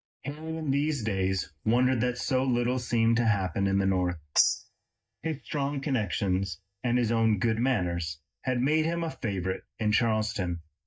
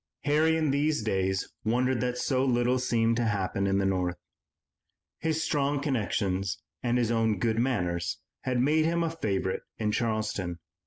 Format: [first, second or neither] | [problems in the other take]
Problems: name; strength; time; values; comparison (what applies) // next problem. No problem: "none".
second | noise reduction (neural mask model DeepFilterNet 3)